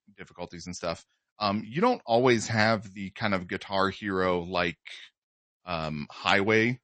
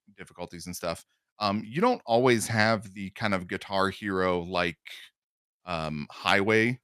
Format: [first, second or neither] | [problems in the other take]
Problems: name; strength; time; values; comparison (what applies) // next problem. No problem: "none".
second | garbled, watery; slightly; nothing above 8 kHz